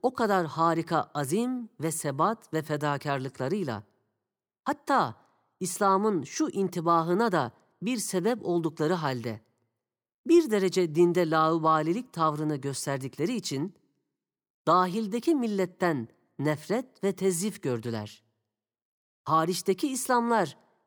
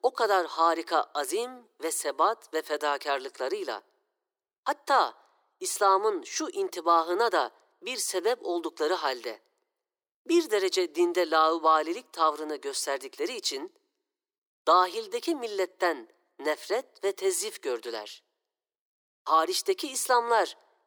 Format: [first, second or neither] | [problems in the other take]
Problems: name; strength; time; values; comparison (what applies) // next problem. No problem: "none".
first | thin; very; fading below 350 Hz